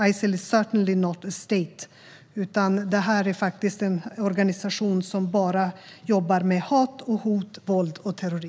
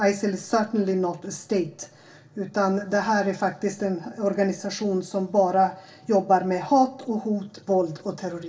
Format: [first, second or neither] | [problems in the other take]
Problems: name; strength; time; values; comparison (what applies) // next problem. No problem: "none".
first | room echo; dies away in 0.2 s